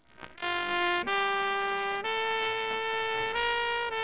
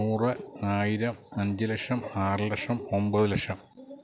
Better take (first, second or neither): second